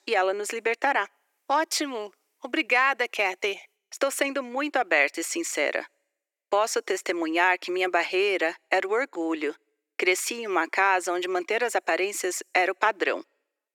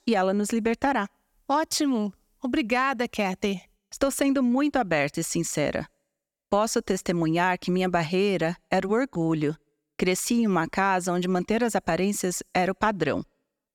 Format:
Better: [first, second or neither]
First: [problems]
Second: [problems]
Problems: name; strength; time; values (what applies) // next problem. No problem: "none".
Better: second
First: thin; very; fading below 350 Hz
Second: none